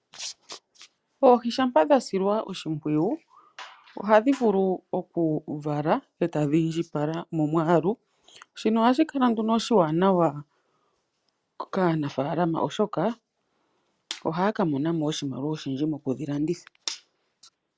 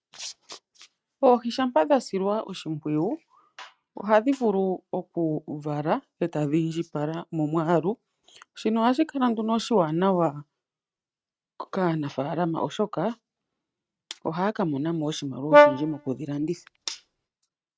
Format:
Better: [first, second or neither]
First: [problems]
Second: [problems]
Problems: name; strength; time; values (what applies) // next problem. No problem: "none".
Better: first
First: none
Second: noise reduction (neural mask model RNNoise)